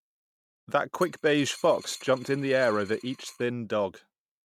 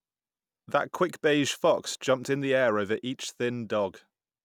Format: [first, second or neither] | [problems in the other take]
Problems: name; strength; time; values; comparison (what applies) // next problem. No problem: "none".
second | noise reduction (neural mask model RNNoise)